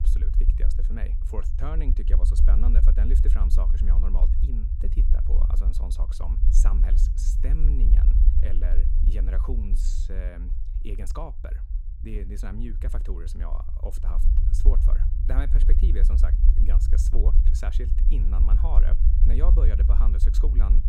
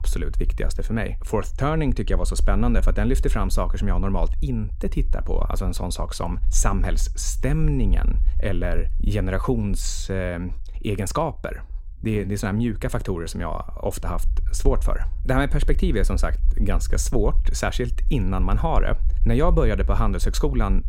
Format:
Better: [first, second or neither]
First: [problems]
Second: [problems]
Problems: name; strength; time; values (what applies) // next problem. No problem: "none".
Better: second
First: low rumble; loud; throughout; 3 dB below the speech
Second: low rumble; faint; throughout; 25 dB below the speech